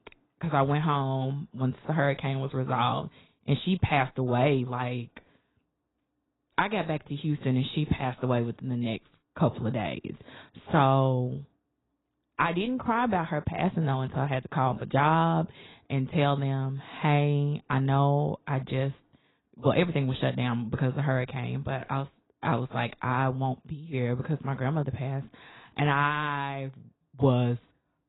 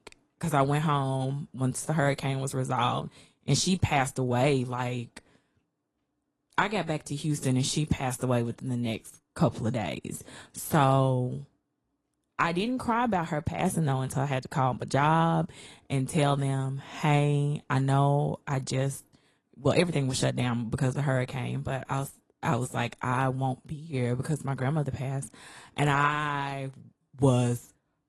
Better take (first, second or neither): second